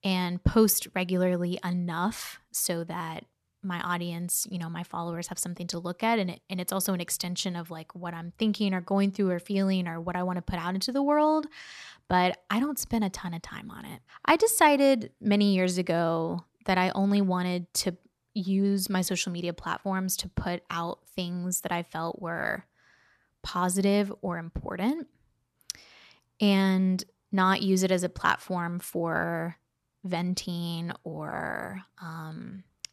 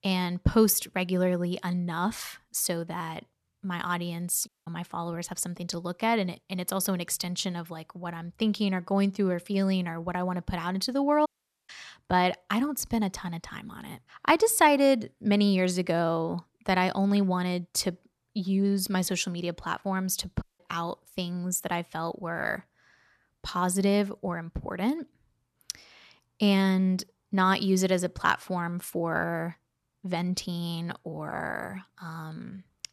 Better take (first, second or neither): first